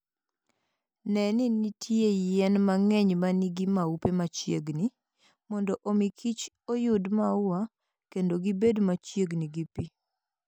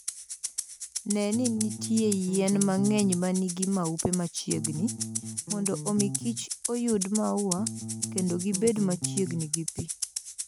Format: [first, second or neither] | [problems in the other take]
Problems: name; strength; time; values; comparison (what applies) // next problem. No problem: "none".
first | background sound (Rattle (instrument) + Bass guitar); 6 dB below the speech